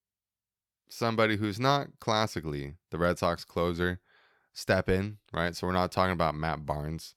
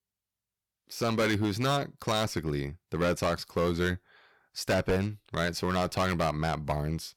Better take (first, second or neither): first